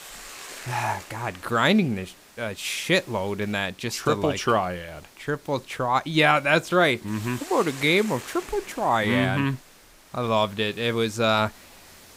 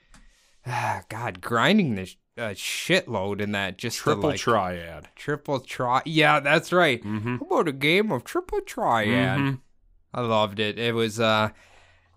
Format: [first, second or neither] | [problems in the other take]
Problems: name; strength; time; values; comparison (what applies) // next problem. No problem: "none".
second | hiss; noticeable; throughout; 20 dB below the speech